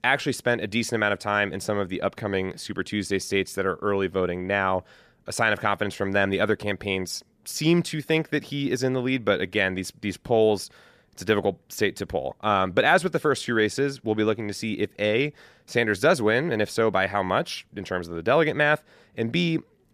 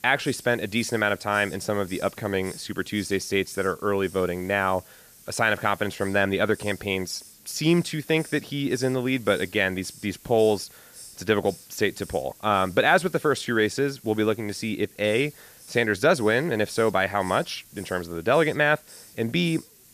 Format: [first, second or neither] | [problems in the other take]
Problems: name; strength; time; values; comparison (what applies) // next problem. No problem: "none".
first | hiss; faint; throughout; 20 dB below the speech